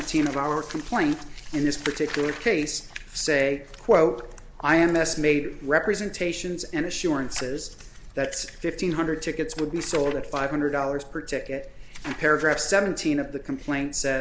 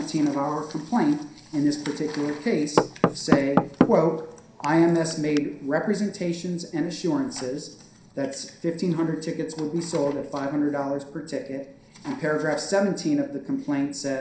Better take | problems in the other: first | background sound (Knock / Wood); 1 dB below the speech // room echo; dies away in 0.5 s

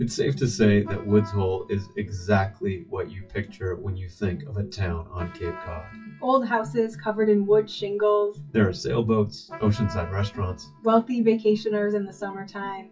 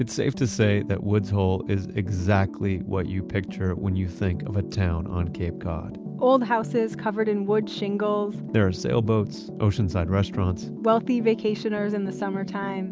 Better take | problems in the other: second | noise reduction (classical method WPE with log-MMSE)

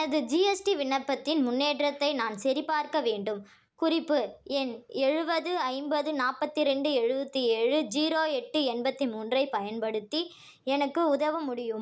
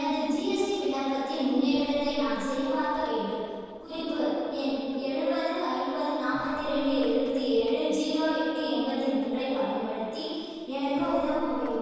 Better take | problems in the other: first | noise reduction (neural separator model SepFormer DNS4)

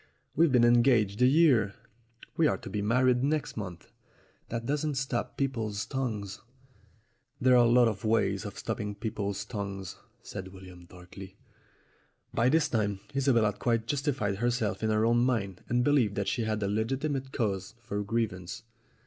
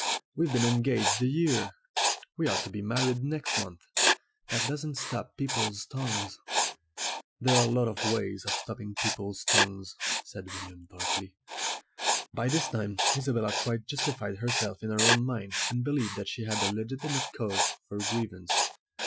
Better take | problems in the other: first | noise reduction (classical method Wiener filter)

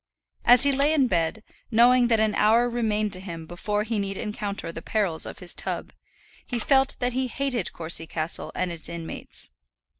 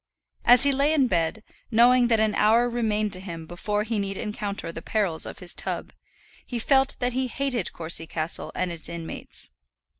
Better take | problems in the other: second | noise reduction (neural separator model SepFormer DNS4)

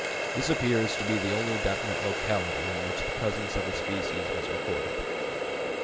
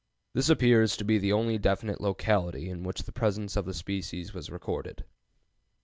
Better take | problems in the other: second | background sound (Water tap, faucet); 1 dB above the speech

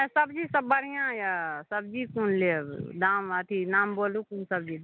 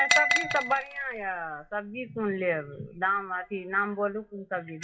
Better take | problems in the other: first | noise reduction (classical method WPE with log-MMSE)

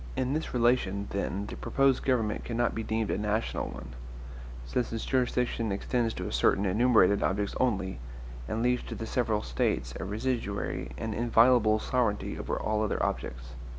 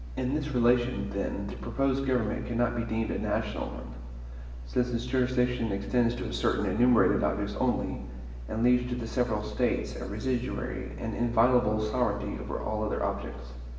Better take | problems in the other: first | room echo; dies away in 1.1 s

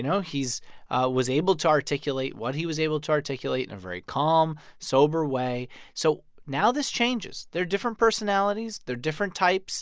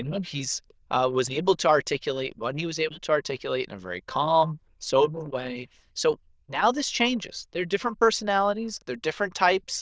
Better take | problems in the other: first | noise reduction (neural diffusion model UNIVERSE++)

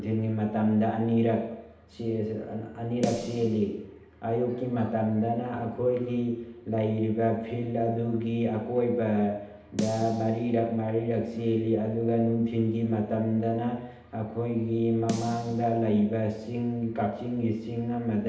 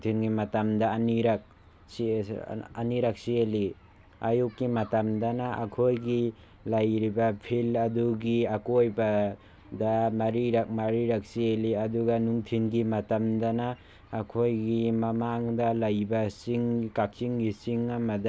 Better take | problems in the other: second | background sound (Snare drum); 13 dB below the speech // room echo; dies away in 0.8 s

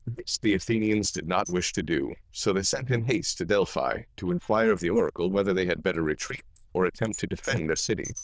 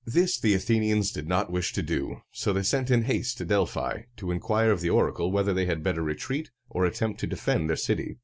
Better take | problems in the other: second | noise reduction (neural diffusion model UNIVERSE++)

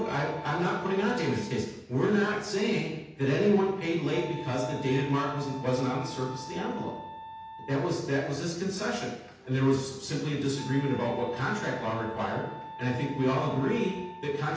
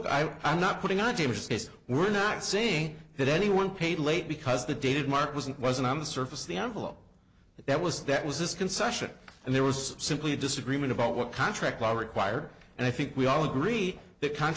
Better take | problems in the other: second | background sound (Wind instrument, woodwind instrument); 15 dB below the speech // room echo; dies away in 0.8 s

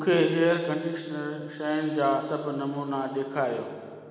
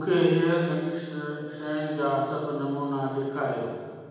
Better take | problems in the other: first | room echo; dies away in 1 s

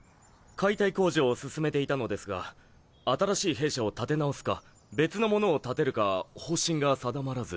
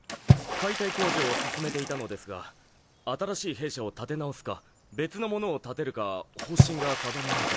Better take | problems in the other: first | background sound (Water / Splash, splatter); 3 dB above the speech

